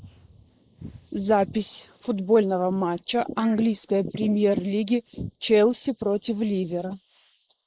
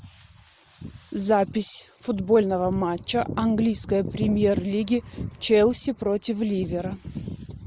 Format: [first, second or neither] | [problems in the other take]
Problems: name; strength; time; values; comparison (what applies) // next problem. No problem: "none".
second | noise reduction (neural mask model Resemble Enhance denoiser)